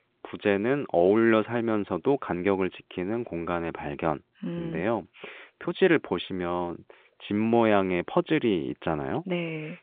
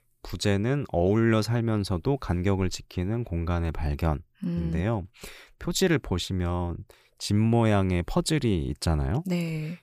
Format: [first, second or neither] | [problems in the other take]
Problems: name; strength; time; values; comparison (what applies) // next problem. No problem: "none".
second | phone-call audio